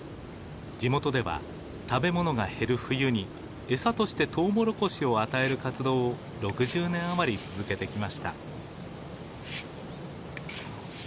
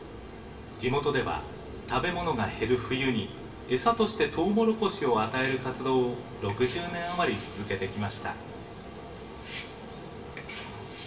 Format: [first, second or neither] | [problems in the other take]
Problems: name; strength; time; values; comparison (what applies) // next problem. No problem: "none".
first | room echo; dies away in 0.9 s